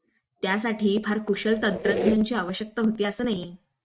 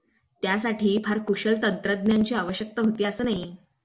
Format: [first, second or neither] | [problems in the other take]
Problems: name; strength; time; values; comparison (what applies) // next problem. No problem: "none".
second | noise reduction (neural mask model RNNoise)